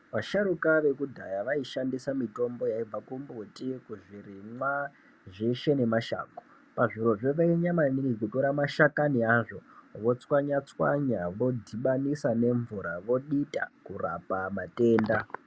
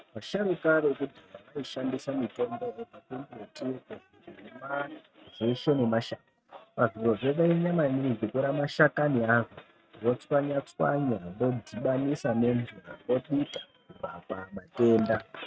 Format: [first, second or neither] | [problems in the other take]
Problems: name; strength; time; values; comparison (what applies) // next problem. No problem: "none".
first | noise reduction (neural mask model RNNoise)